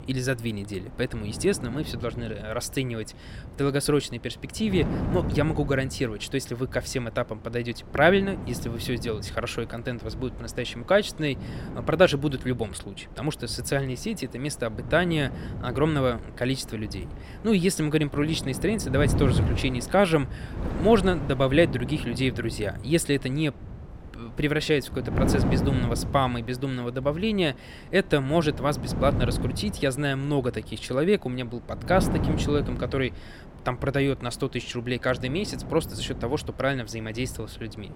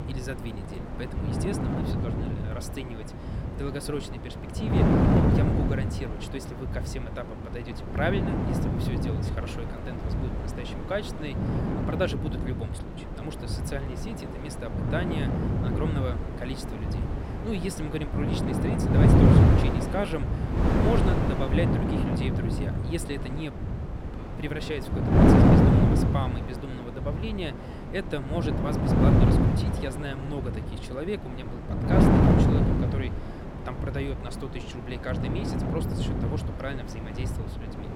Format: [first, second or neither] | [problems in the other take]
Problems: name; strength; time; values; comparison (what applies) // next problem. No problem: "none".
first | wind noise on the microphone; heavy; 4 dB above the speech; occasional gusts in the first